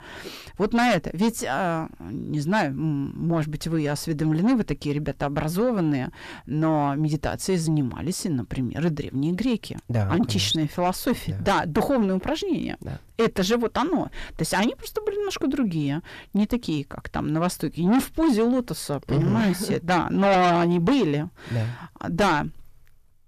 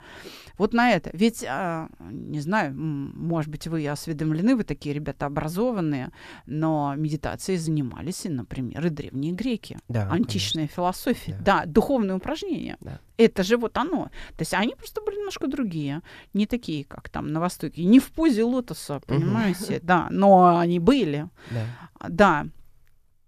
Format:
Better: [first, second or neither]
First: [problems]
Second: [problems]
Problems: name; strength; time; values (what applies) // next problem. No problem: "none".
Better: second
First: distortion; heavy; 7 dB below the speech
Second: none